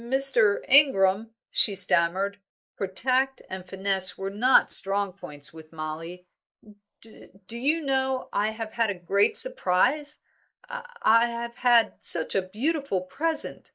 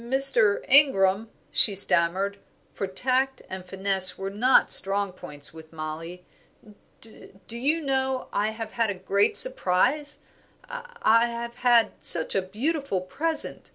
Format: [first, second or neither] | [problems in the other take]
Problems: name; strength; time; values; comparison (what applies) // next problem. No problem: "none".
second | noise reduction (neural mask model Resemble Enhance denoiser)